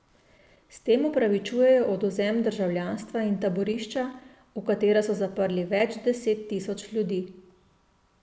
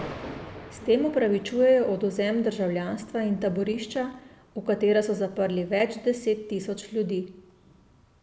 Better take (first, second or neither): first